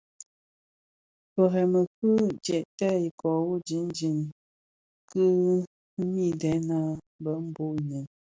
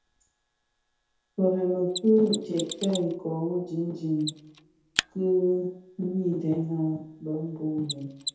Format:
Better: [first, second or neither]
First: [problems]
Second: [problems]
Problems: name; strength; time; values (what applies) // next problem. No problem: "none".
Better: first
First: none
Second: background sound (Mechanisms); 12 dB below the speech // room echo; dies away in 0.8 s